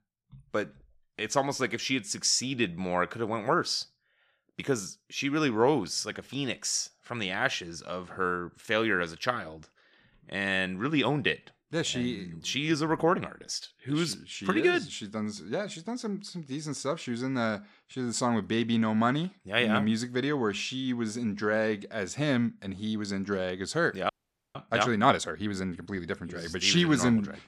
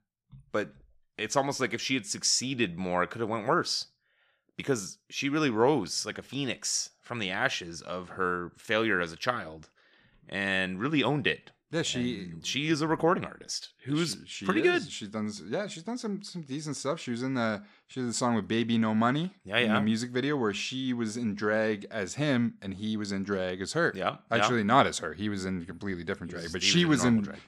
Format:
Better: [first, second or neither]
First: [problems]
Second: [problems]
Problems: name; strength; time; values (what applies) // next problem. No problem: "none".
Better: second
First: audio freezing; at 24 s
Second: none